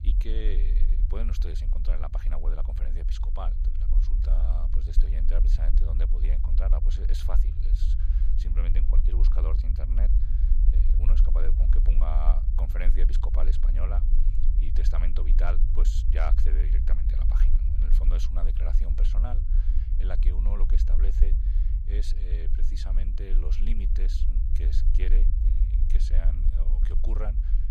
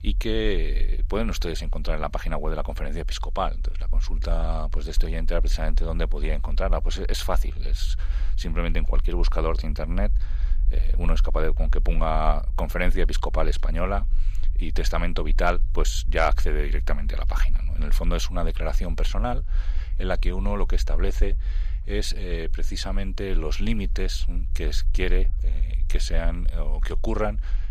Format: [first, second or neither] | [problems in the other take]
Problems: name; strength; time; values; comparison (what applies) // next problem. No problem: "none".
second | low rumble; loud; throughout; 5 dB below the speech; faint in the second